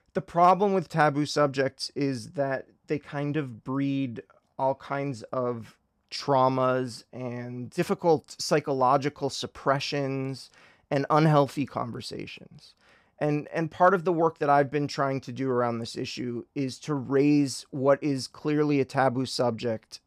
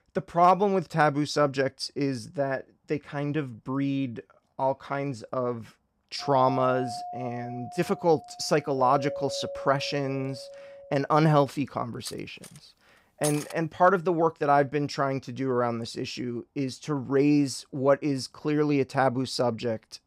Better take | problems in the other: first | doorbell; noticeable; from 6 to 11 s; peak 7 dB below the speech // clattering dishes; noticeable; from 12 to 14 s; peak 7 dB below the speech

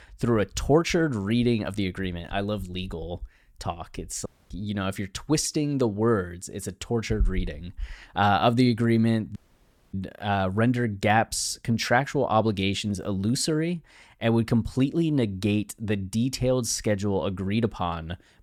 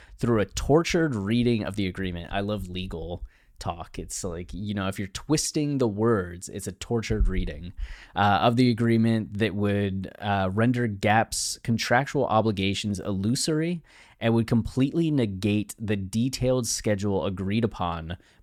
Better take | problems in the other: second | audio cutting out; at 4.5 s and at 9.5 s for 0.5 s

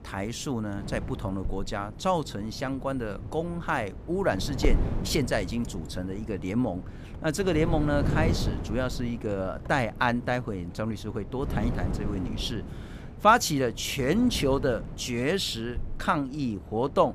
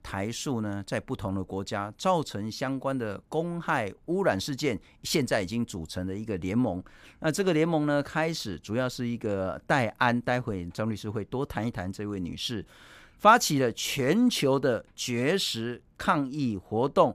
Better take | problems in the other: second | wind noise on the microphone; occasional gusts; 15 dB below the speech

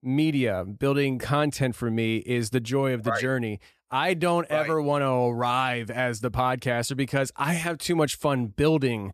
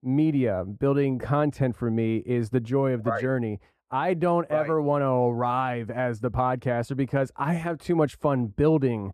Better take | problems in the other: first | muffled; very; fading above 2 kHz

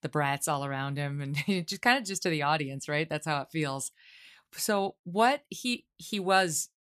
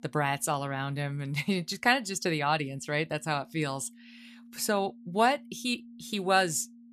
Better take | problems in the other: first | background music; faint; throughout; 25 dB below the speech

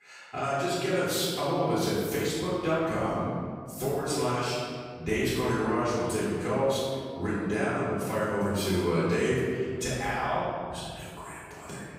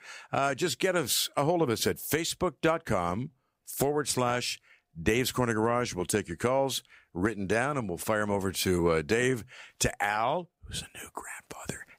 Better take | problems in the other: second | off-mic speech; far // room echo; strong; dies away in 2 s

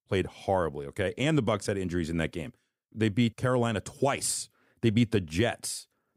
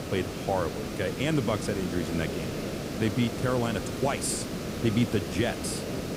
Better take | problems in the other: first | hiss; loud; throughout; 4 dB below the speech

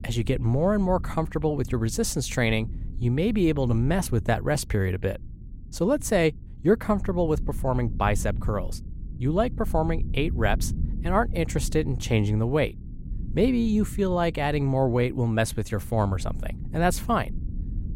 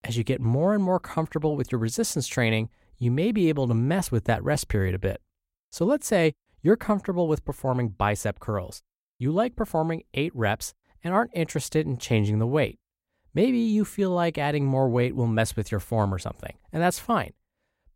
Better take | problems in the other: second | low rumble; faint; throughout; 20 dB below the speech

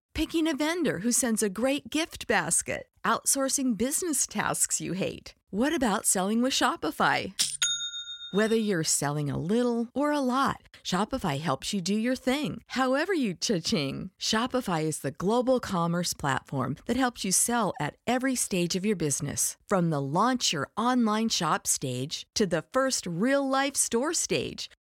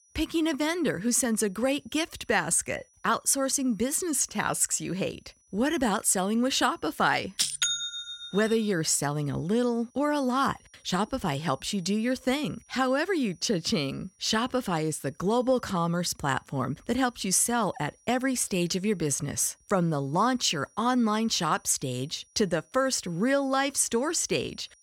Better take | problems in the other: first | high-pitched whine; faint; throughout; 5.5 kHz, 35 dB below the speech

